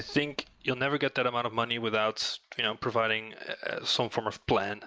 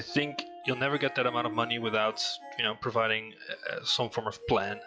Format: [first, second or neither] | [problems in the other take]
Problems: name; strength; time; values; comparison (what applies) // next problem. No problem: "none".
first | noise reduction (classical method log-MMSE)